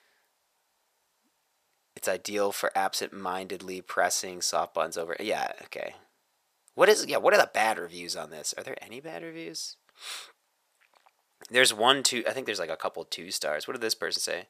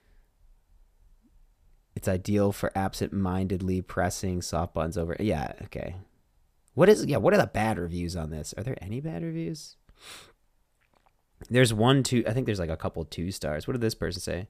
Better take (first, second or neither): second